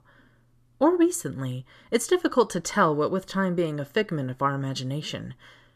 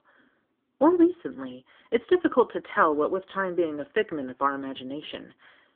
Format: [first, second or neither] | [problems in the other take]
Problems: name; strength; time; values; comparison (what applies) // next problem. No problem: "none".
first | phone-call audio; poor line